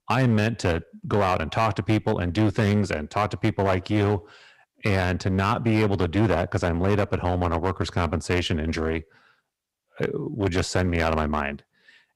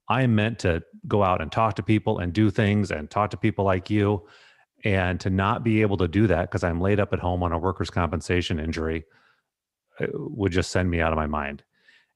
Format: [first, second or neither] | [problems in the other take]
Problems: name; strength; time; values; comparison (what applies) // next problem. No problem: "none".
second | distortion; slight; 8% of the sound clipped